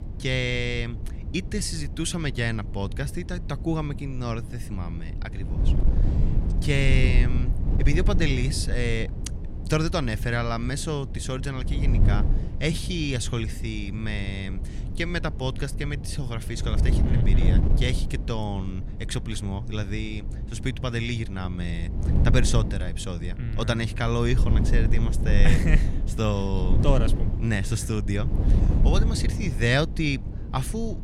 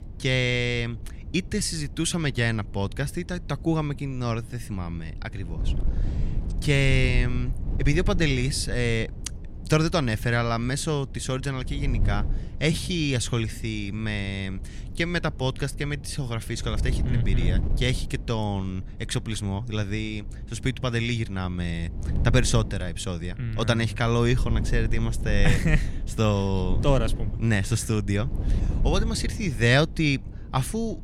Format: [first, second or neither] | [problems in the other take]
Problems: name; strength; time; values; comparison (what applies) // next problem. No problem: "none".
second | wind noise on the microphone; heavy; 10 dB below the speech; occasional gusts in the second